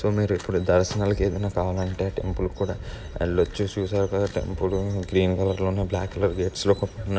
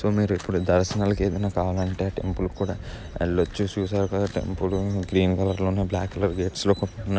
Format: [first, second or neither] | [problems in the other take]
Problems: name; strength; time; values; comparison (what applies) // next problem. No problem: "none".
second | room echo; dies away in 1 s